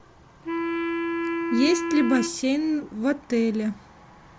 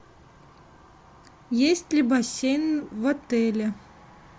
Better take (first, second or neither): second